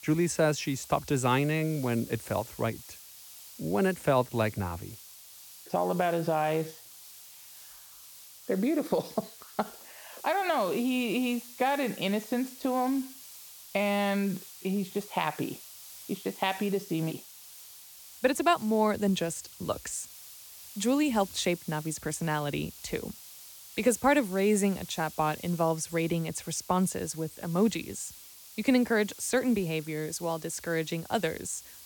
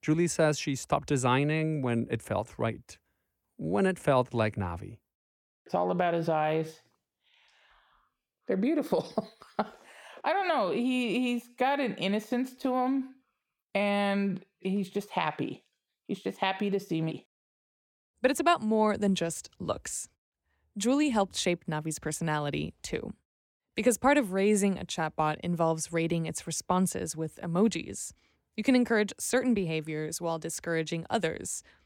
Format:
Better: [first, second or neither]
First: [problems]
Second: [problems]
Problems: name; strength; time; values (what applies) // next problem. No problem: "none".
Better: second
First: hiss; noticeable; throughout; 15 dB below the speech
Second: none